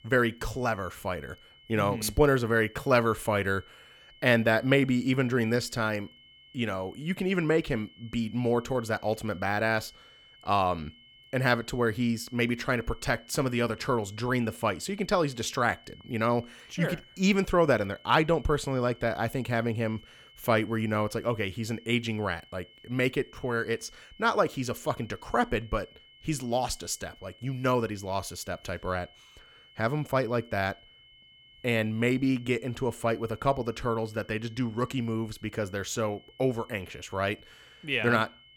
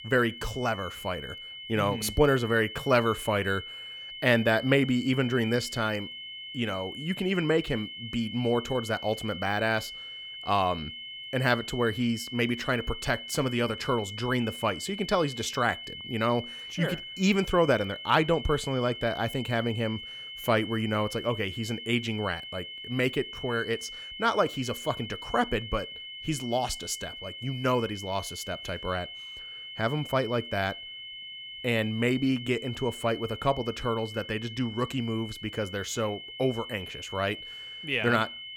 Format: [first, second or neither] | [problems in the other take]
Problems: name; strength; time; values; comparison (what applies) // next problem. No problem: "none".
first | high-pitched whine; loud; throughout; 3 kHz, 10 dB below the speech; faint in the first